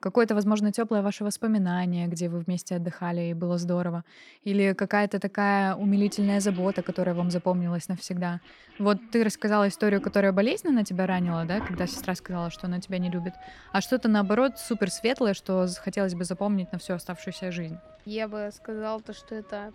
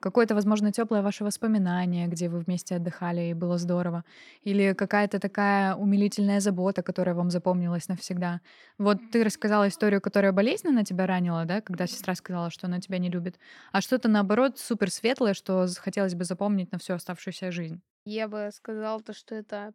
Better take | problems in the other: second | household noises; faint; from 6 s on; 20 dB below the speech

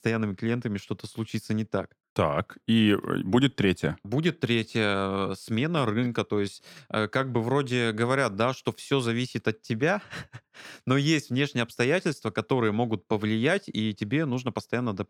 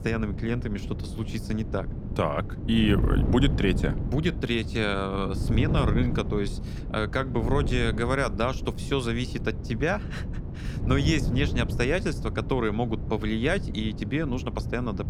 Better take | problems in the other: first | wind noise on the microphone; occasional gusts; 10 dB below the speech

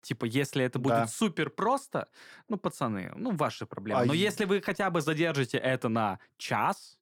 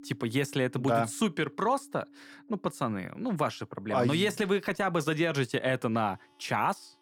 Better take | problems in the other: first | background music; faint; throughout; 25 dB below the speech

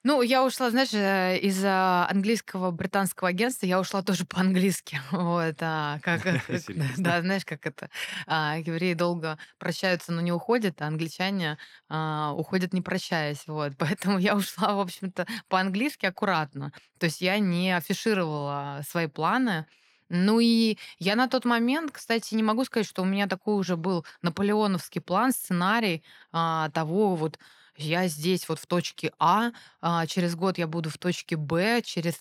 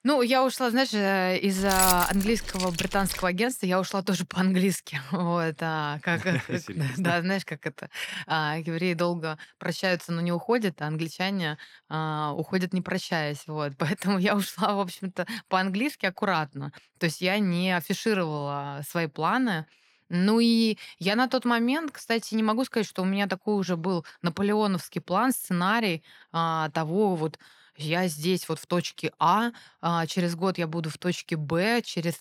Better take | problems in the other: first | jangling keys; loud; from 1.5 to 3 s; peak 4 dB above the speech

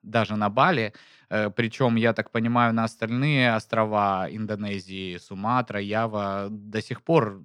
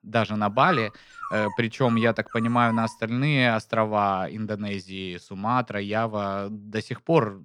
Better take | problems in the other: first | dog barking; noticeable; from 0.5 to 3 s; peak 7 dB below the speech

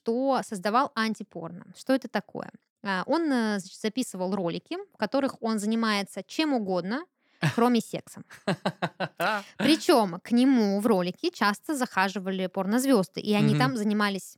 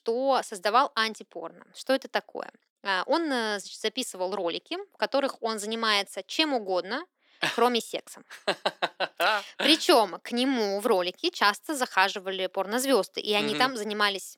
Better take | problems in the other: first | thin; somewhat; fading below 350 Hz

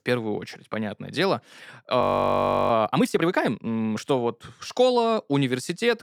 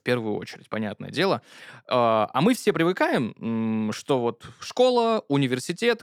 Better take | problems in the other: second | audio freezing; at 2 s for 0.5 s

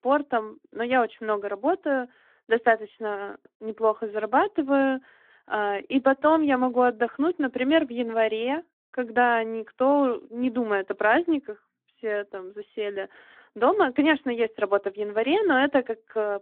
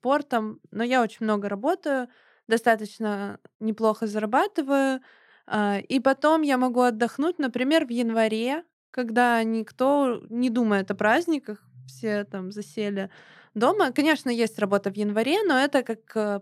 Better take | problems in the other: second | phone-call audio

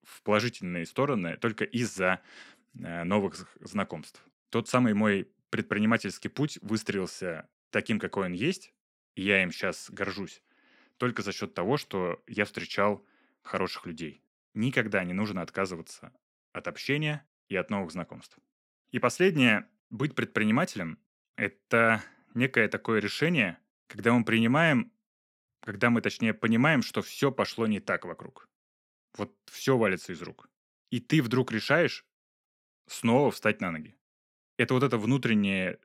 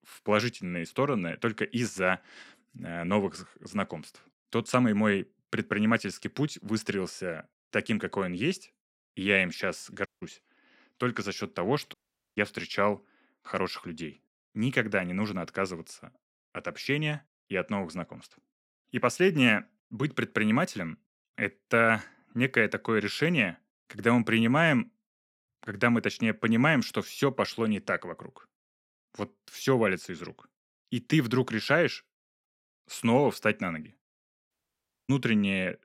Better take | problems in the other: first | audio cutting out; at 10 s, at 12 s and at 35 s for 0.5 s

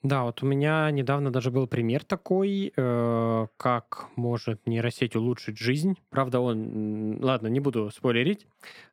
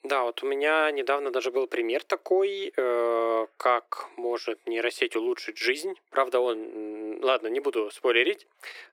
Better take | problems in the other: first | thin; very; fading below 350 Hz

